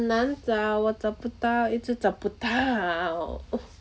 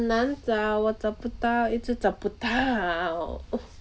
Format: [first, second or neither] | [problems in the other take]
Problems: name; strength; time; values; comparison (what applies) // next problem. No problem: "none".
first | background sound (Gull, seagull); 17 dB below the speech